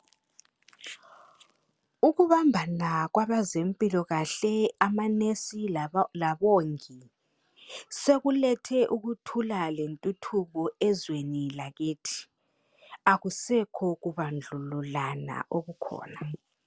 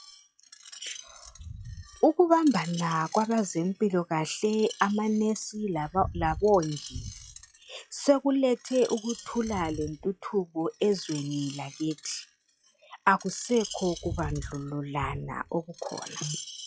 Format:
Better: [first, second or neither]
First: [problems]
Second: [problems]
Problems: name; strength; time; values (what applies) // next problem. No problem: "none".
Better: first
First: none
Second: noise reduction (classical method log-MMSE)